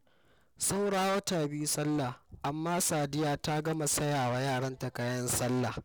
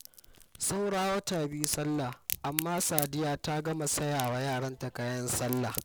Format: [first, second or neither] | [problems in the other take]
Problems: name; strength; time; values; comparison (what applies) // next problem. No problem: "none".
first | background sound (Crack); 10 dB below the speech